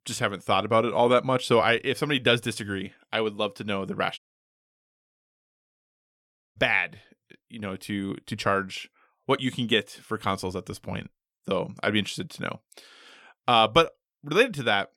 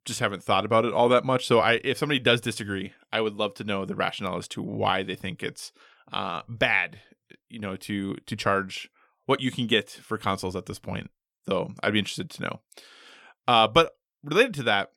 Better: second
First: audio cutting out; at 4 s for 2.5 s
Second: none

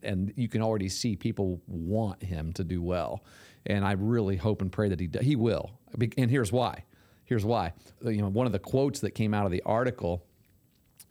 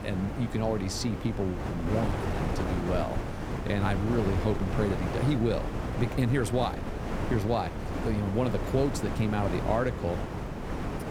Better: first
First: none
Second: wind noise on the microphone; heavy; 4 dB below the speech

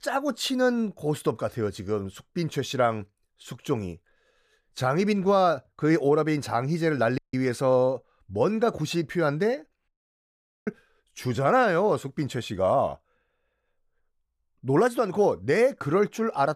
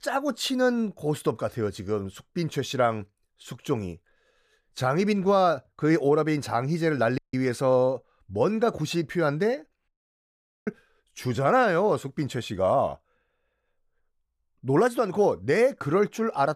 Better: neither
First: audio cutting out; at 7 s and at 10 s for 1 s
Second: audio cutting out; at 7 s and at 10 s for 1 s

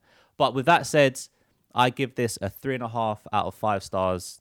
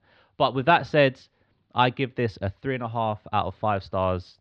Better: first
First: none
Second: muffled; slightly; fading above 4 kHz

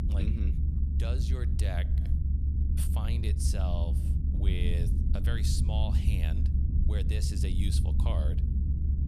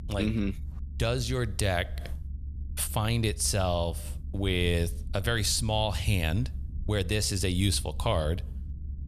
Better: second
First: low rumble; loud; throughout; 3 dB below the speech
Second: low rumble; faint; throughout; 25 dB below the speech

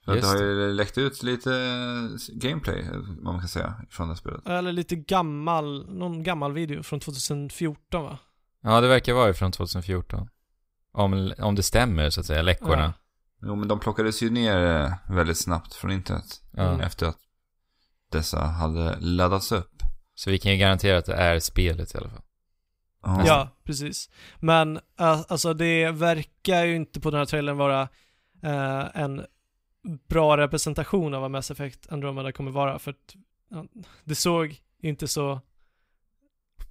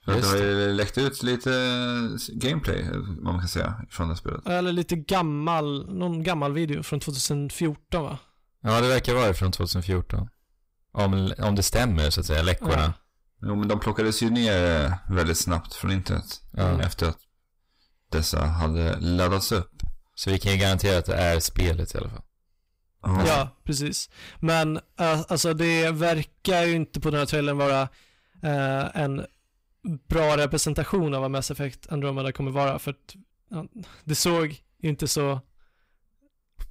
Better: first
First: none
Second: distortion; heavy; 7 dB below the speech

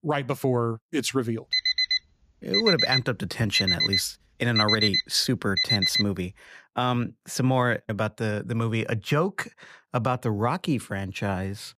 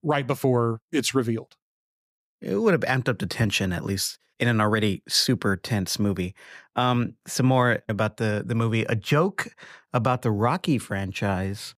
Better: second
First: alarm; loud; from 1.5 to 6 s; peak 5 dB above the speech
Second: none

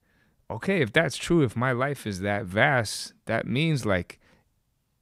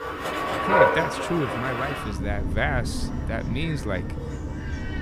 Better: first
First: none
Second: animal sounds; very loud; throughout; 3 dB above the speech

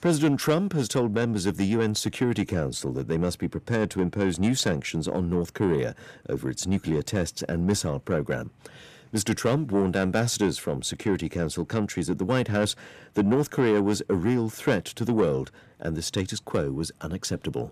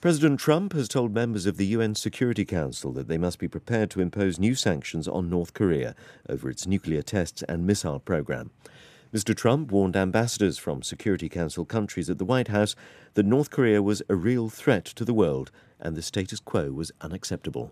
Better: second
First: distortion; slight; 10 dB below the speech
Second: none

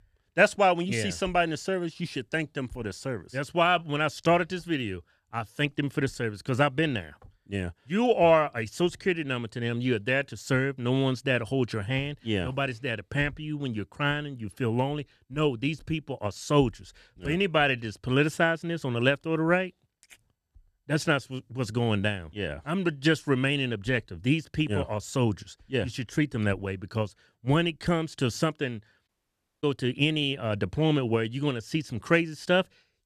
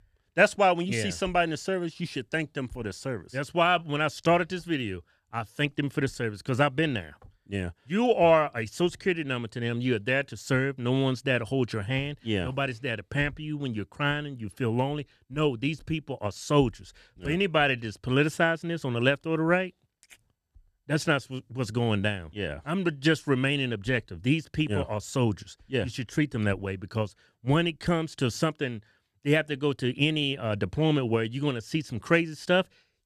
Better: second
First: audio cutting out; at 29 s for 0.5 s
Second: none

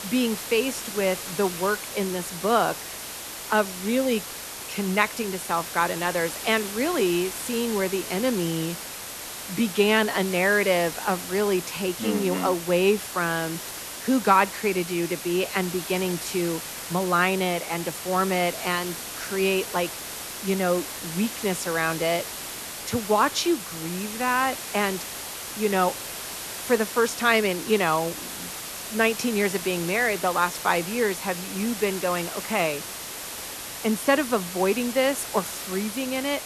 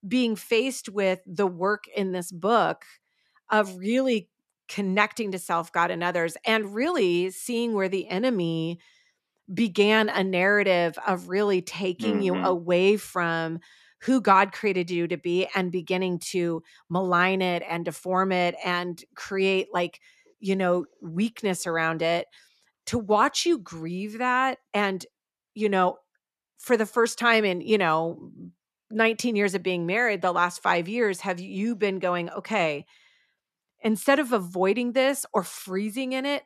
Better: second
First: hiss; loud; throughout; 8 dB below the speech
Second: none

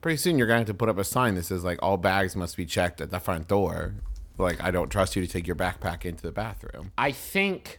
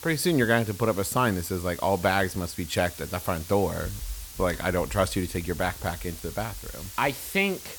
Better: first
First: none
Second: hiss; noticeable; throughout; 15 dB below the speech

